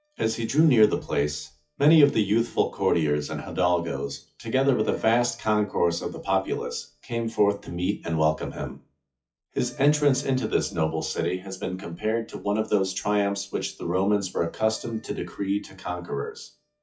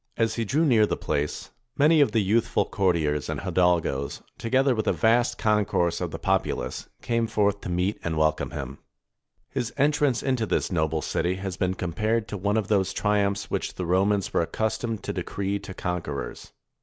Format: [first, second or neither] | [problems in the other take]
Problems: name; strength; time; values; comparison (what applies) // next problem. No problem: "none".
second | noise reduction (classical method WPE with log-MMSE)